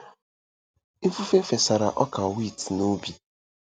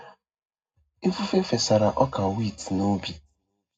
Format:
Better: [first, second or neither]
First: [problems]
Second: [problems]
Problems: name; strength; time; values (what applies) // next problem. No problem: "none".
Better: first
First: none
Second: room echo; dies away in 0.3 s